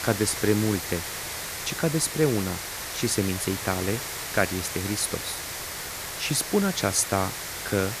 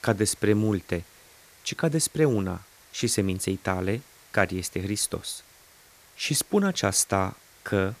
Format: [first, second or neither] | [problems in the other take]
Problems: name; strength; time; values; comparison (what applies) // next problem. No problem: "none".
second | hiss; loud; throughout; 5 dB below the speech; faint in the second